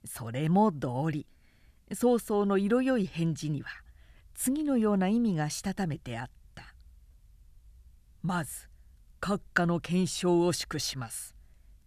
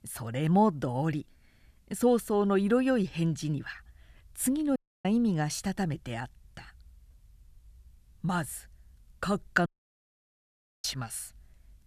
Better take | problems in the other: first | audio cutting out; at 5 s and at 9.5 s for 1 s

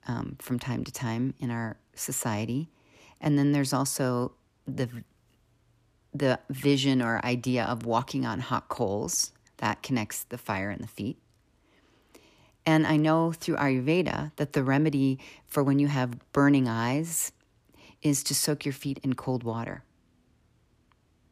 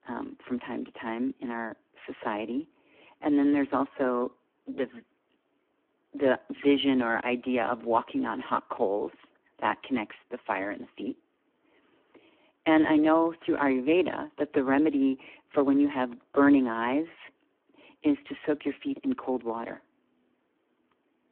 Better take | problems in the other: first | phone-call audio; poor line

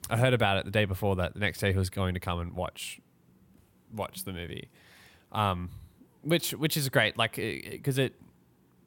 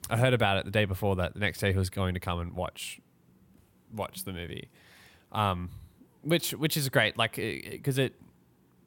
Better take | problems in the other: neither | none

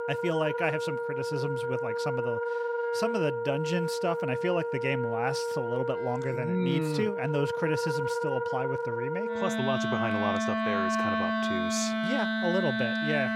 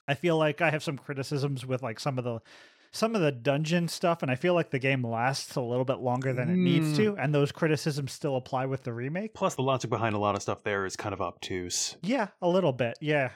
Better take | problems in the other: second | background music; very loud; throughout; 1 dB above the speech

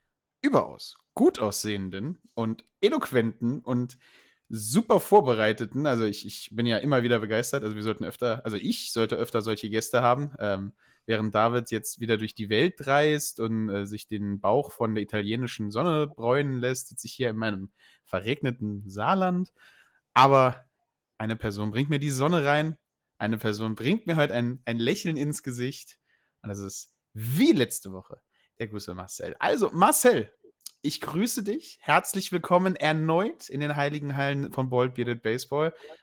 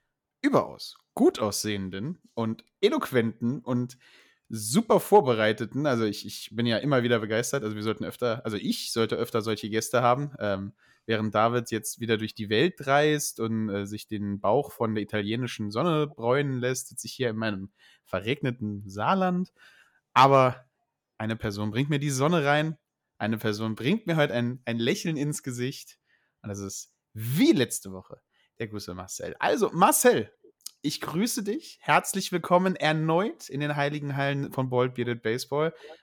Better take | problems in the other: second | garbled, watery; slightly; nothing above 19.5 kHz

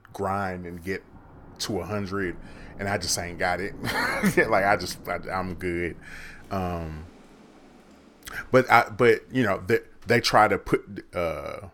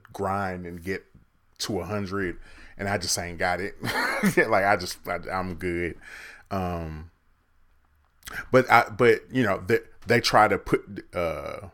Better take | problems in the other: second | rain or running water; faint; throughout; 20 dB below the speech

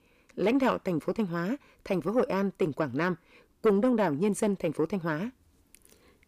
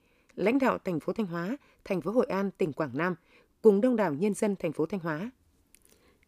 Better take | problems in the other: second | distortion; slight; 10 dB below the speech

